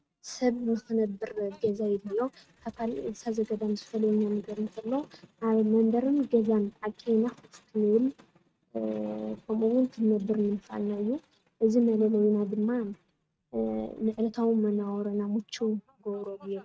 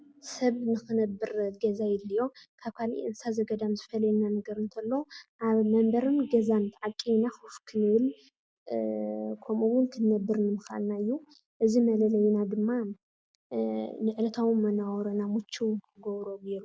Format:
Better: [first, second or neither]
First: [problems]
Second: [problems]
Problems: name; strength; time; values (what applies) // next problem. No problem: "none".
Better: second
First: noise reduction (neural mask model RNNoise)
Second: none